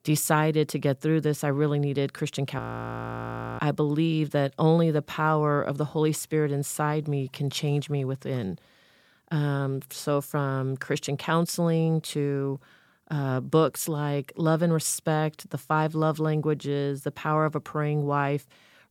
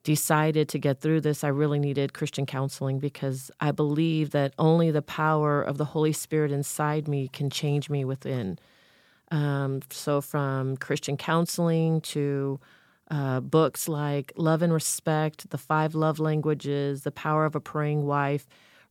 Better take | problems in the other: second | audio freezing; at 2.5 s for 1 s

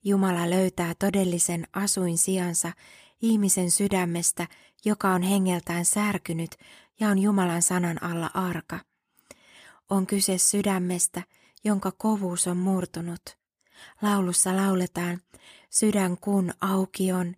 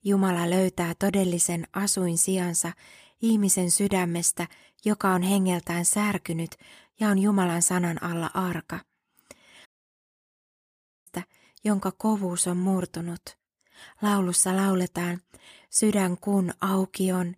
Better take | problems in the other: first | audio cutting out; at 9.5 s for 1.5 s

